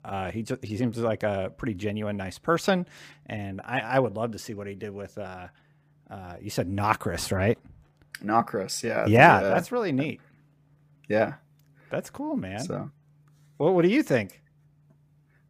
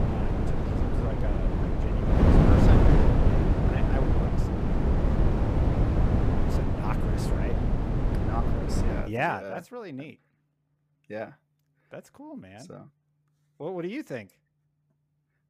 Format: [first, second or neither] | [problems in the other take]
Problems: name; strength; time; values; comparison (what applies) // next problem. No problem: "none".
first | wind noise on the microphone; heavy; until 9 s; 5 dB above the speech